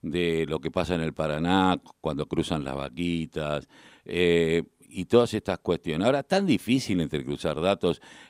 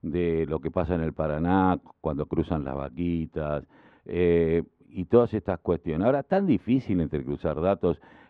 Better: first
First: none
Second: muffled; very; fading above 1.5 kHz

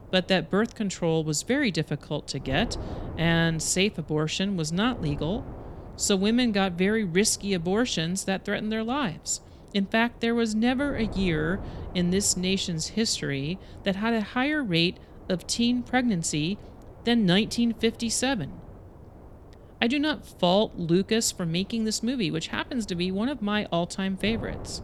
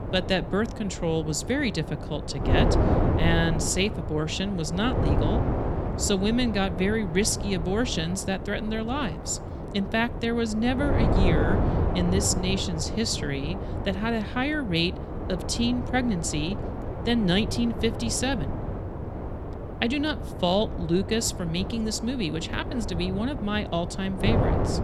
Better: first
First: wind noise on the microphone; occasional gusts; 20 dB below the speech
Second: wind noise on the microphone; heavy; 6 dB below the speech

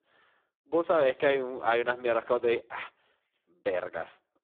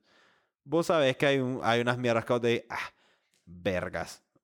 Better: second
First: phone-call audio; poor line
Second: none

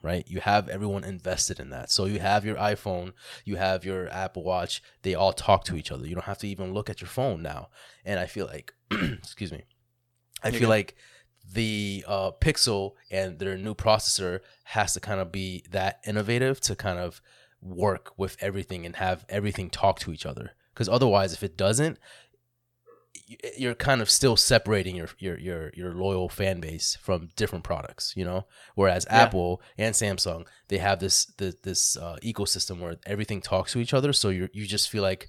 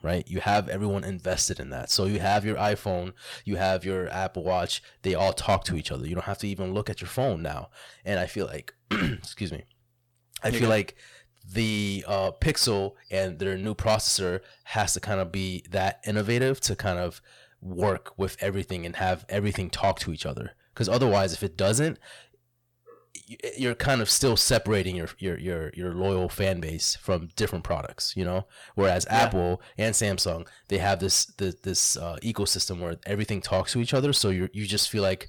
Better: first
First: none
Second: distortion; slight; 10 dB below the speech

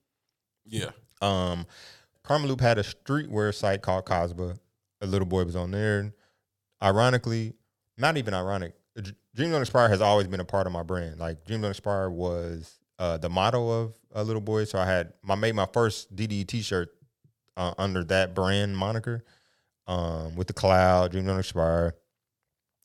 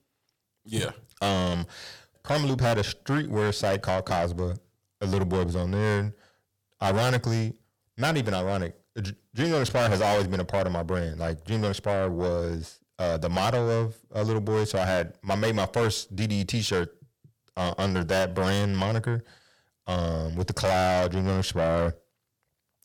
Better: first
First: none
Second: distortion; heavy; 6 dB below the speech

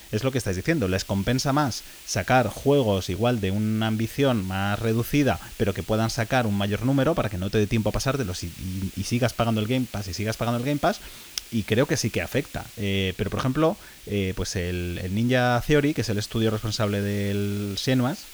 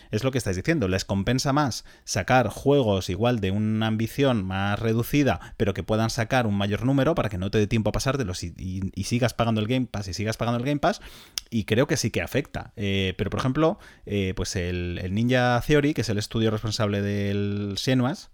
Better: second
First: hiss; noticeable; throughout; 20 dB below the speech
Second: none

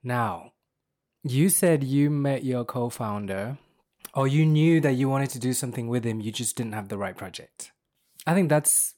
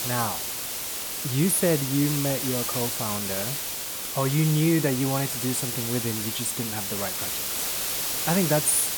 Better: first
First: none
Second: hiss; loud; throughout; 1 dB below the speech

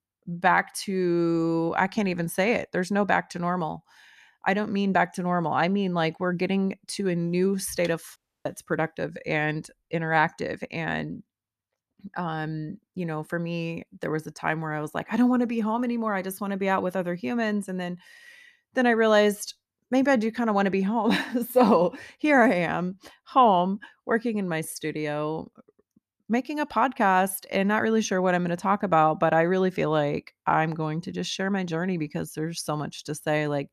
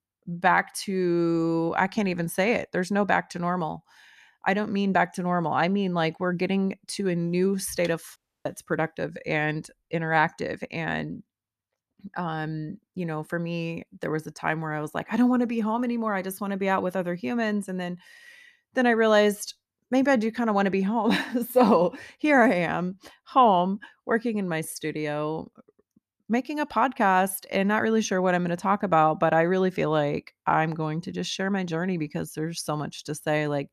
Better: neither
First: audio cutting out; at 8 s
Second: audio cutting out; at 8 s

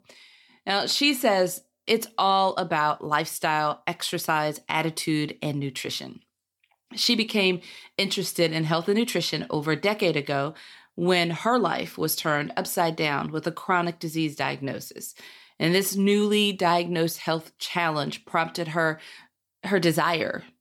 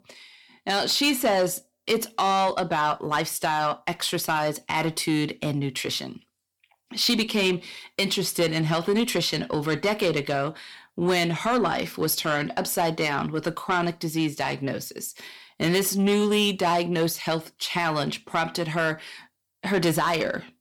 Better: first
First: none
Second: distortion; slight; 10 dB below the speech

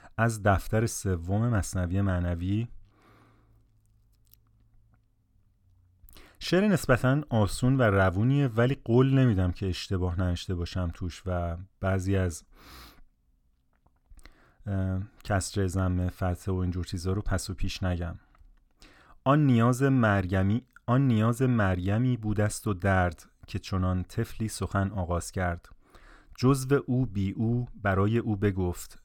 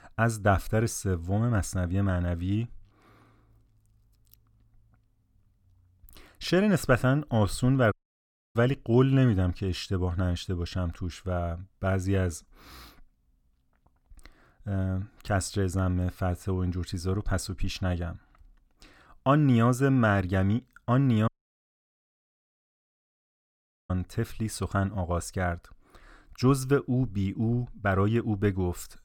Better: first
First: none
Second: audio cutting out; at 8 s for 0.5 s and at 21 s for 2.5 s

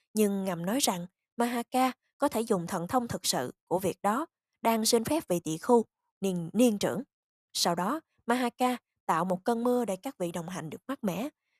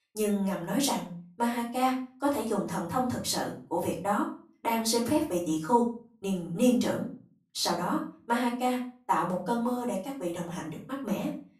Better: first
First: none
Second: off-mic speech; far // room echo; slight; dies away in 0.4 s

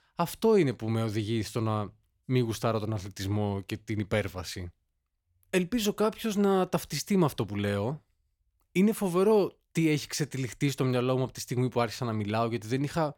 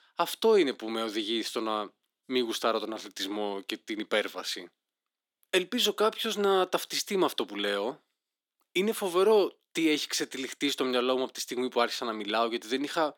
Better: first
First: none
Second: thin; somewhat; fading below 250 Hz

